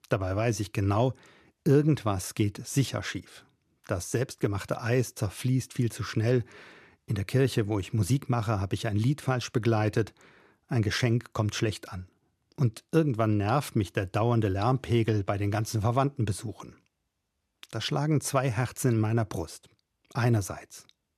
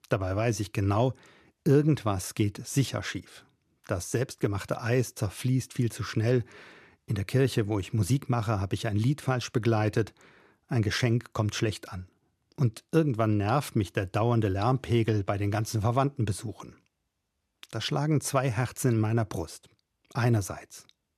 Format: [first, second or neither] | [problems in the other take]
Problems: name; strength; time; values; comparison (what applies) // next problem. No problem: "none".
neither | none